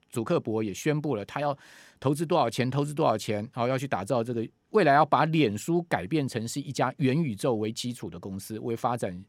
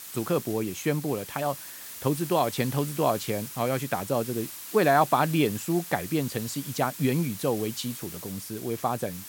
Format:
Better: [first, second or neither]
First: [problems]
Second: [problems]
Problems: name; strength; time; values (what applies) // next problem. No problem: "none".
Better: first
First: none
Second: hiss; noticeable; throughout; 10 dB below the speech